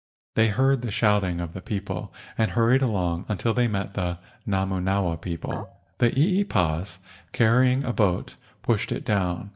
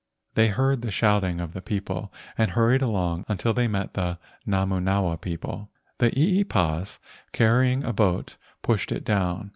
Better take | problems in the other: second | noise reduction (neural mask model DeepFilterNet 3)

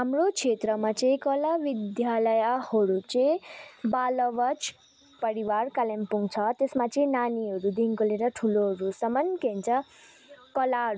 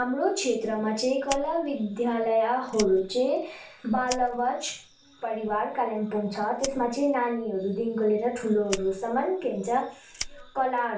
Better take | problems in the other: first | background sound (Fire); 17 dB below the speech // room echo; dies away in 0.4 s

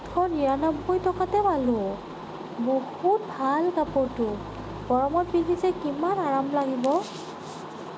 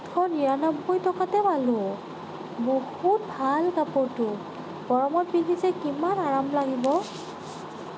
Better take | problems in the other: second | background sound (Engine / Car); 20 dB below the speech

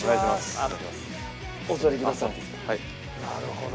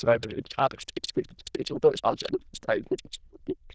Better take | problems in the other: first | noise reduction (neural diffusion model UNIVERSE++)

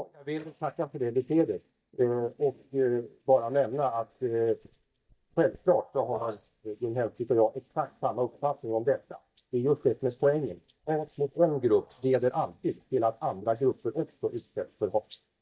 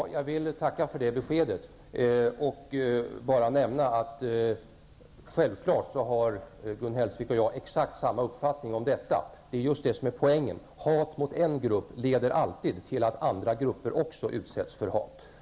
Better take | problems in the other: second | noise reduction (neural mask model DeepFilterNet 3)

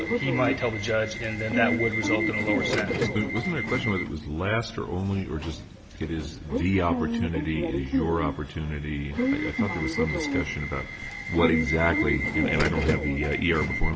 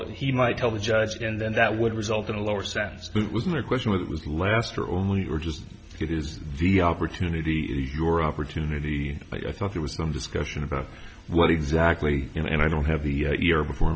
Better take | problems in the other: second | background sound (Subway, metro, underground / Alarm); 2 dB below the speech

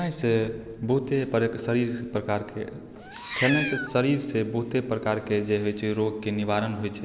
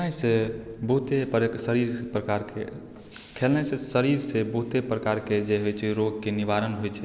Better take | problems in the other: second | background sound (Meow); 6 dB below the speech

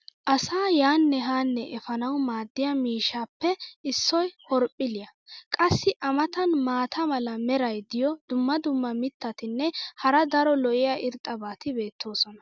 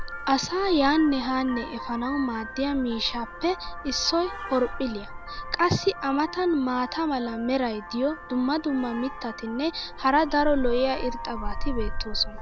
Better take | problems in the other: first | background sound (Vehicle horn, car horn, honking); 8 dB below the speech

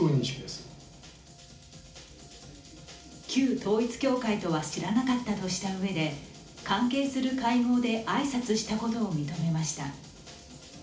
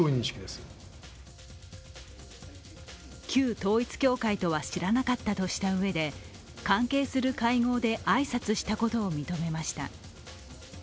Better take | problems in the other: second | room echo; dies away in 0.4 s

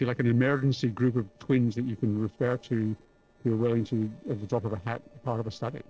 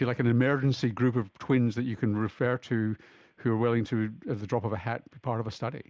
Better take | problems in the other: second | noise reduction (neural separator model SepFormer DNS4)

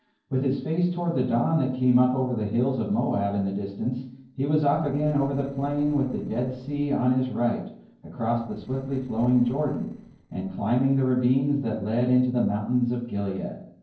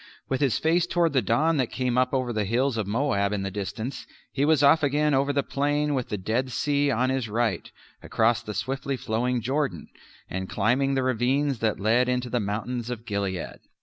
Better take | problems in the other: second | noise reduction (neural separator model SepFormer DNS4)

